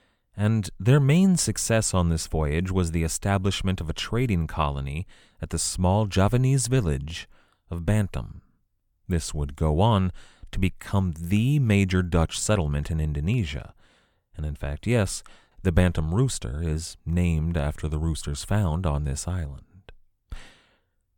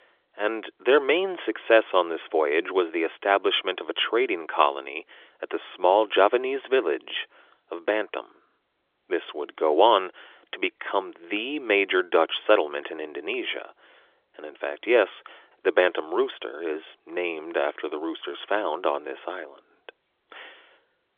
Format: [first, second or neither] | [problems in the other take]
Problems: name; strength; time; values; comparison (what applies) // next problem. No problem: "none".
first | phone-call audio; nothing above 3.5 kHz